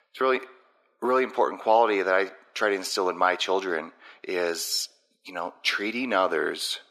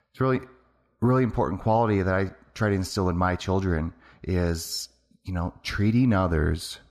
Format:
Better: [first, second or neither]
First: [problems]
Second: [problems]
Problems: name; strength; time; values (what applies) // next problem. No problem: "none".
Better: second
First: thin; very; fading below 350 Hz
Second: none